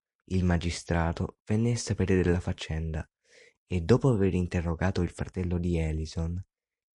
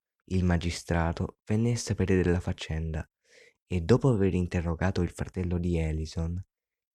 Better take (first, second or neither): second